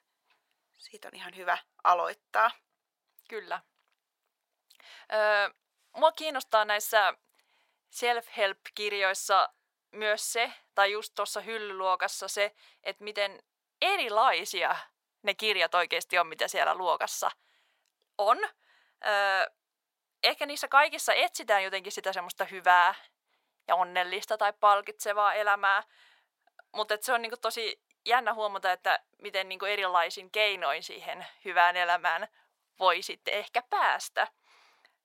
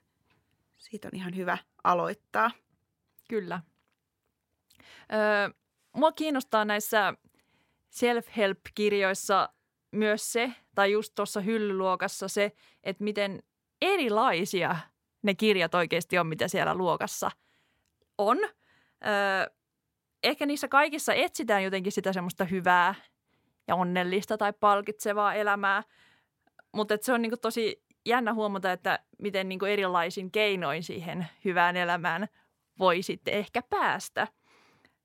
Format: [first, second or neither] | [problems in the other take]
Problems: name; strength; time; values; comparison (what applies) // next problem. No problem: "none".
second | thin; very; fading below 750 Hz